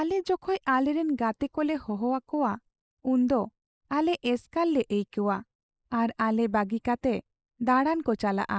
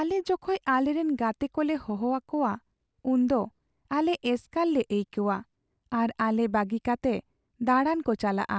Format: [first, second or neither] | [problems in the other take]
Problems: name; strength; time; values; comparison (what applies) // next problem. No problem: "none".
second | noise reduction (neural mask model Resemble Enhance denoiser)